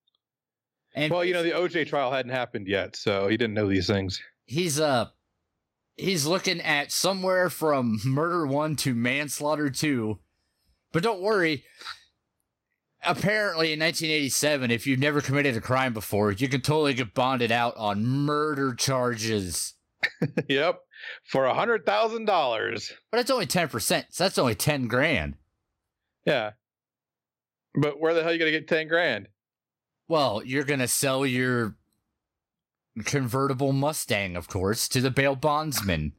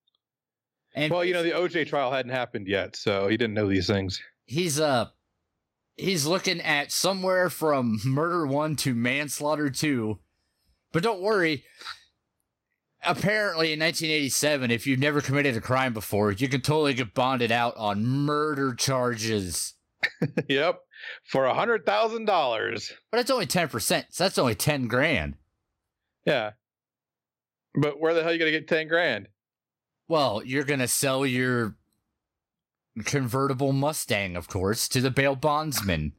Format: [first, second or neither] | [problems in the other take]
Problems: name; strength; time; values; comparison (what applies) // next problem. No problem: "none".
neither | none